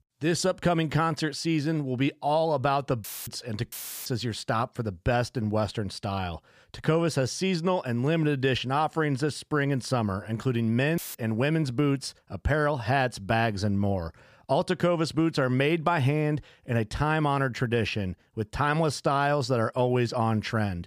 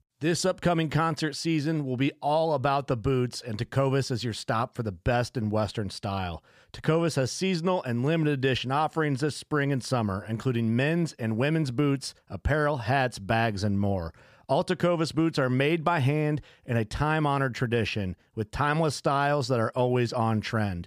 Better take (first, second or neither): second